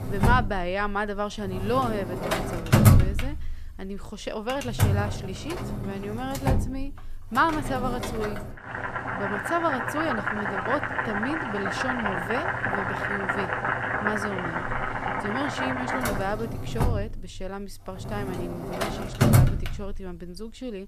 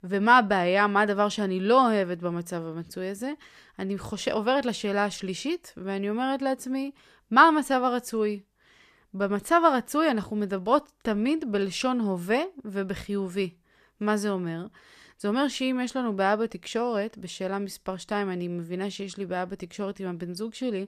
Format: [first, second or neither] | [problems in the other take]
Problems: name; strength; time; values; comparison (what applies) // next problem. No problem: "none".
second | household noises; very loud; throughout; 4 dB above the speech